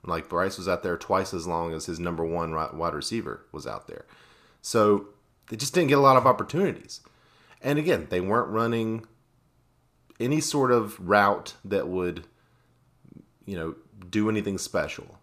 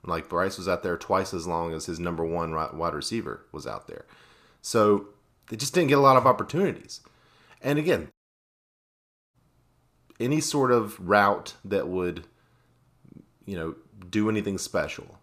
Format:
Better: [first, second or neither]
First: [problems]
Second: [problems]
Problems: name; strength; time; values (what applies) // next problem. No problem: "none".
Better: first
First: none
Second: audio cutting out; at 8 s for 1 s